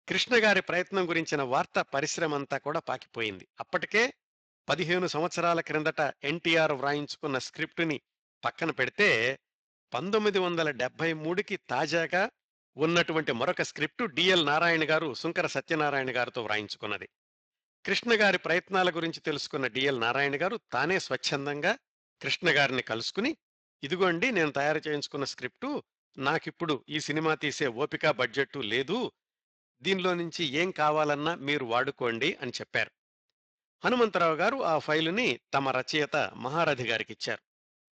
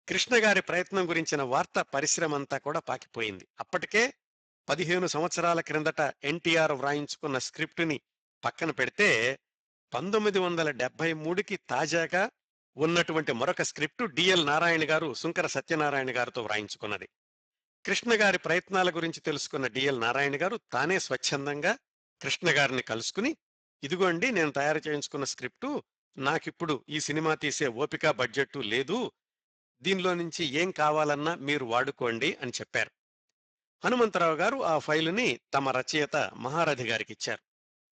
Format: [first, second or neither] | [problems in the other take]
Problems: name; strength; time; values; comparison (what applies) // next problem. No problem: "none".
first | garbled, watery; badly; nothing above 7.5 kHz; slightly in the first